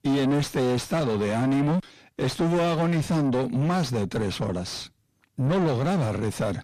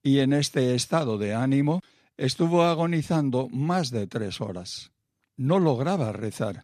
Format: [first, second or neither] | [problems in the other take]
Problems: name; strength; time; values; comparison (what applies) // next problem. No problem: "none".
second | distortion; heavy; 5 dB below the speech